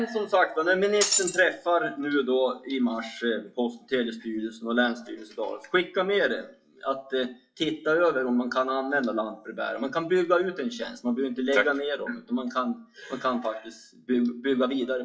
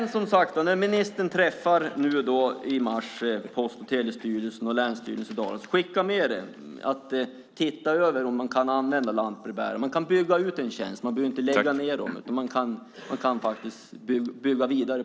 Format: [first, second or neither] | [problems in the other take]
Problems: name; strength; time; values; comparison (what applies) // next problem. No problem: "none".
second | noise reduction (classical method WPE with log-MMSE)